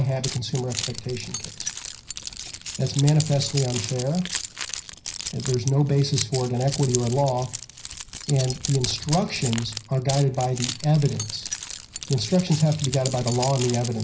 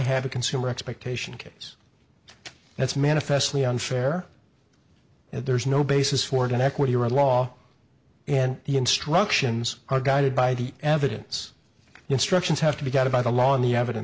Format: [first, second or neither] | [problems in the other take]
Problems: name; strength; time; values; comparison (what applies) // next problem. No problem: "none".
second | background sound (Keys jangling); 9 dB below the speech // room echo; dies away in 0.4 s